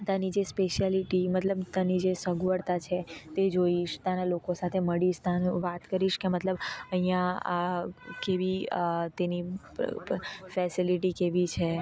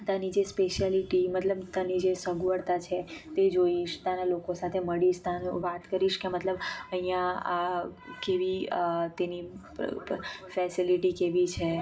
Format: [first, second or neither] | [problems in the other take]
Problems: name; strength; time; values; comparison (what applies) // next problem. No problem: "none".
first | room echo; dies away in 0.4 s